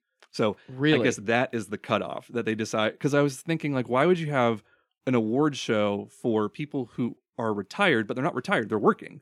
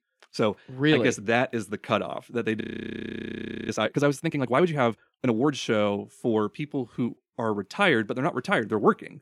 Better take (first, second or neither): first